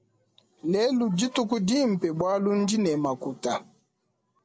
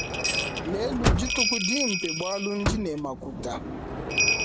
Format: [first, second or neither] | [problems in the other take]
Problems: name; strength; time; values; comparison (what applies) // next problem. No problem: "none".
first | background sound (Bell + Sliding door / Motor vehicle (road)); 4 dB above the speech